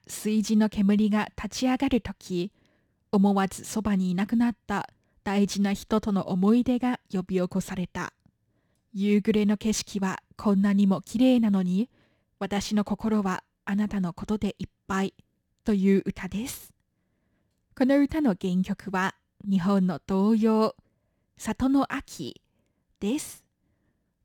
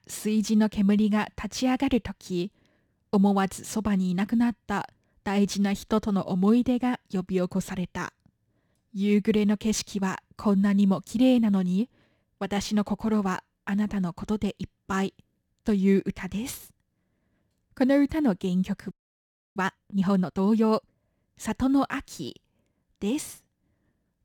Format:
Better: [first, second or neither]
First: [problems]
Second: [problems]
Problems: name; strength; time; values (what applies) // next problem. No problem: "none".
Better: first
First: none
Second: audio freezing; at 19 s for 0.5 s